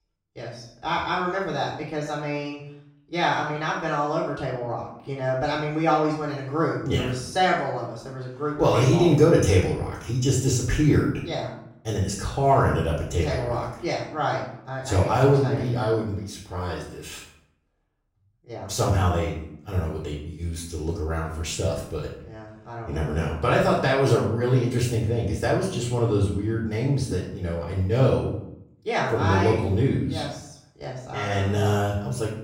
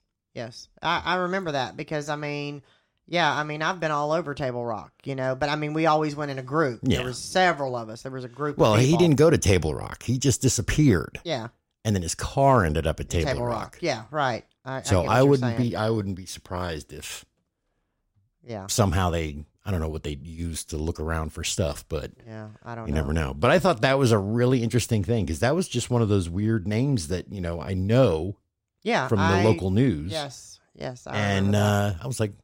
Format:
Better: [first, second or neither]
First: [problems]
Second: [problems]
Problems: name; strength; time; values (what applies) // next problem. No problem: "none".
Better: second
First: off-mic speech; far // room echo; noticeable; dies away in 0.6 s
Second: none